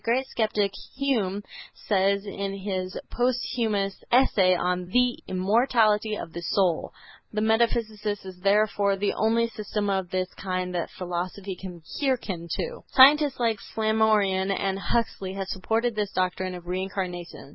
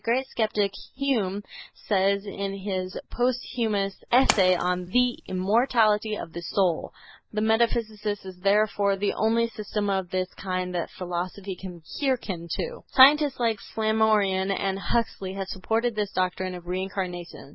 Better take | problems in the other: first | noise reduction (neural mask model DeepFilterNet 3)

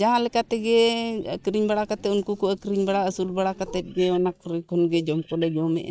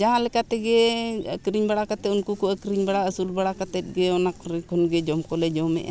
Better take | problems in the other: second | noise reduction (neural mask model DeepFilterNet 3)

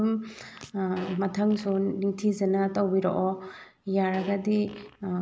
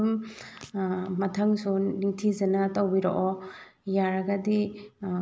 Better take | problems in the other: second | background sound (Fart); 19 dB below the speech

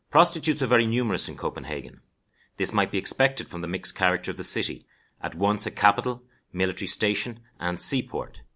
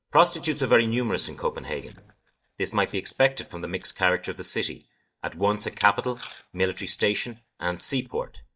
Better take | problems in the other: first | noise reduction (neural mask model DeepFilterNet 3)

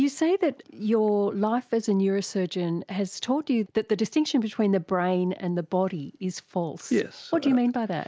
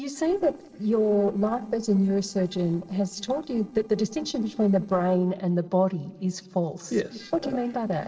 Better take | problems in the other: first | noise reduction (neural separator model SepFormer DNS4)

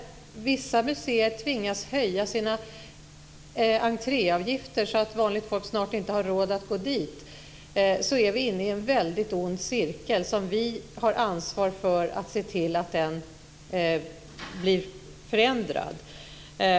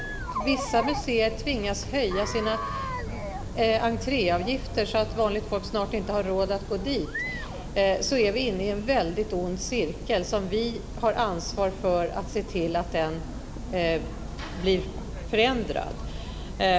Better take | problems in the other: first | background sound (Chatter); 7 dB below the speech

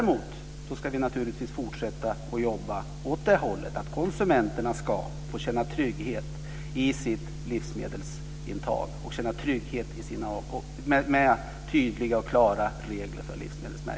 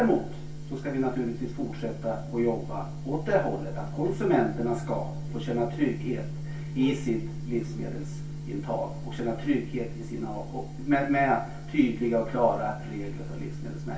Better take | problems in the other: first | background sound (Bowed string instrument); 15 dB below the speech // room echo; dies away in 0.3 s

